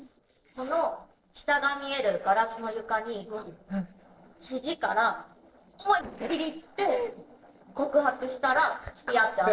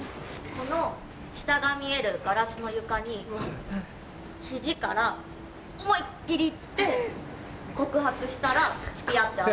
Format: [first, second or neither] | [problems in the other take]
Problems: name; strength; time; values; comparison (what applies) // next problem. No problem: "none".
second | noise reduction (neural separator model SepFormer DNS4)